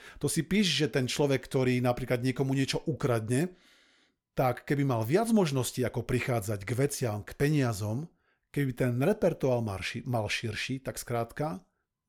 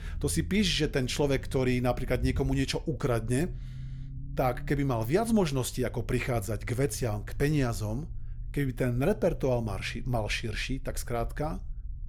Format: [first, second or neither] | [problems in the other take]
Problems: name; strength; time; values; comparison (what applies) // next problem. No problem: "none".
first | low rumble; faint; throughout; 25 dB below the speech